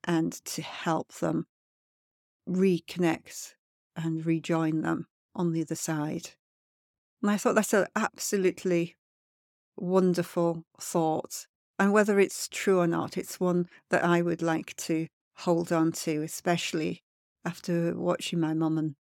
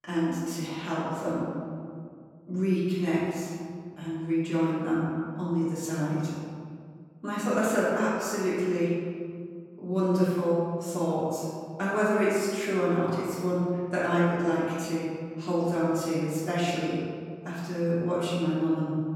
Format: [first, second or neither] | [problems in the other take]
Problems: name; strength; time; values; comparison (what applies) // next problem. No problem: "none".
first | off-mic speech; far // room echo; strong; dies away in 2 s